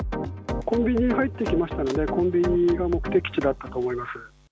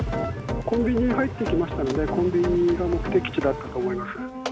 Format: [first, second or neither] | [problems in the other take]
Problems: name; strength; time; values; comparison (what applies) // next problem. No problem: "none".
first | background sound (Engine); 9 dB below the speech